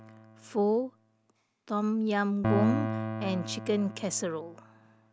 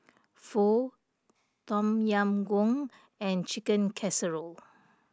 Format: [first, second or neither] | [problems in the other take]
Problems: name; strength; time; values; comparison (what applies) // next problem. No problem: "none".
second | background sound (Piano); 5 dB below the speech